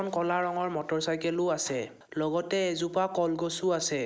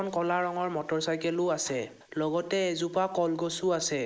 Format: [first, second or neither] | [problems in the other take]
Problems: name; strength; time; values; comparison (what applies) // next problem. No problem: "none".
first | noise reduction (neural mask model Resemble Enhance denoiser)